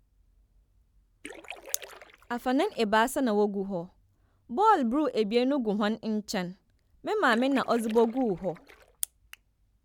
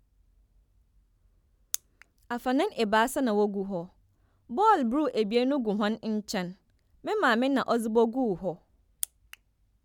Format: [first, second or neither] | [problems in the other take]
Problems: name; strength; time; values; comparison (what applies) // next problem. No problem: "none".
second | background sound (Splash, splatter); 19 dB below the speech